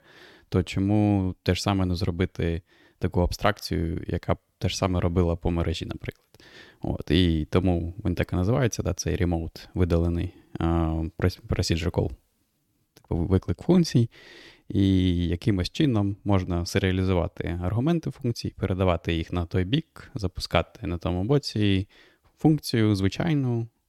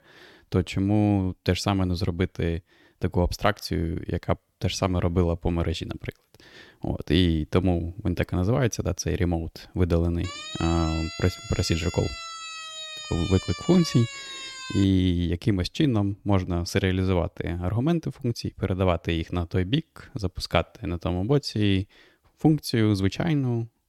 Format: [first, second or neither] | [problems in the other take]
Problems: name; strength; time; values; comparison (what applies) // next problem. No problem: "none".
first | siren; noticeable; from 10 to 15 s; peak 9 dB below the speech